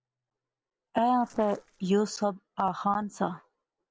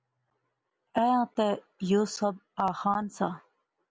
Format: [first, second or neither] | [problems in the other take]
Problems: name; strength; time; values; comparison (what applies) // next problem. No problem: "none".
second | noise reduction (neural separator model SepFormer DNS4)